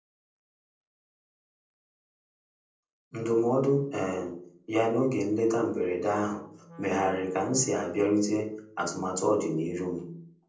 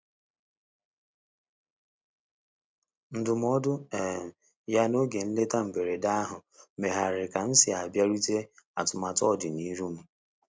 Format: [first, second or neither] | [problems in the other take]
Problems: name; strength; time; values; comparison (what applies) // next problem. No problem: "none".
second | noise reduction (neural separator model SepFormer DNS4)